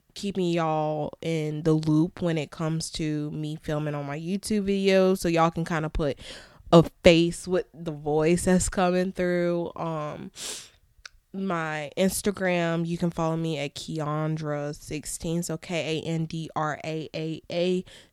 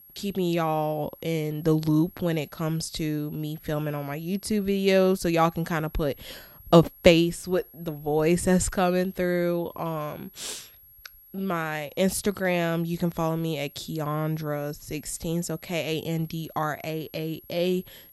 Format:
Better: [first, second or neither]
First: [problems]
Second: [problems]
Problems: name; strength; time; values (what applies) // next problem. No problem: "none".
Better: first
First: none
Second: high-pitched whine; faint; throughout; 11.5 kHz, 20 dB below the speech